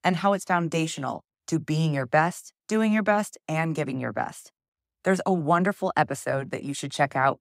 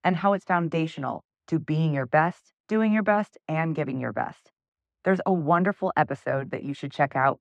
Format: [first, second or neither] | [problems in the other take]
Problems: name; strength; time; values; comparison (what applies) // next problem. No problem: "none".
first | muffled; very; fading above 2.5 kHz